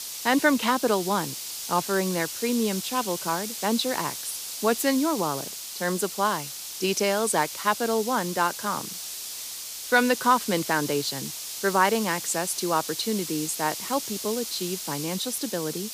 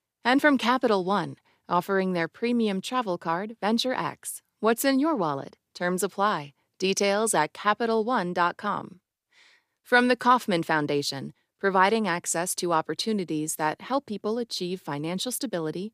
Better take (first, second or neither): second